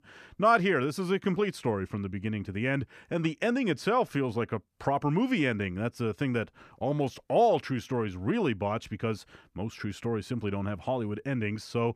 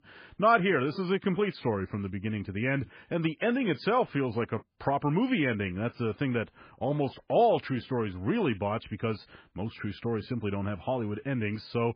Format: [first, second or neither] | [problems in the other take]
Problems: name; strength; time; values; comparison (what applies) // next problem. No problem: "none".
first | garbled, watery; badly